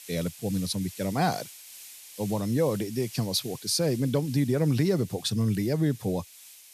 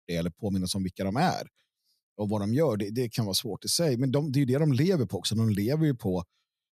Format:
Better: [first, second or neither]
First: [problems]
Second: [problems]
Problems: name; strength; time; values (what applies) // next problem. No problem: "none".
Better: second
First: hiss; noticeable; throughout; 15 dB below the speech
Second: none